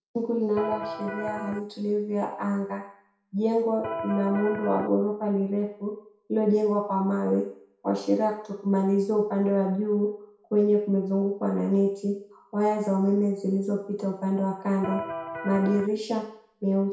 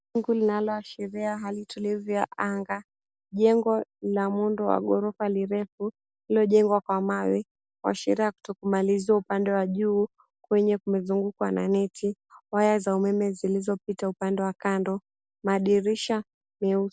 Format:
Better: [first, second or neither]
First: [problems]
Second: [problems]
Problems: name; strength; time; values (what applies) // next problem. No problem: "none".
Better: second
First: background sound (Electric guitar); 8 dB below the speech // room echo; dies away in 0.6 s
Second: none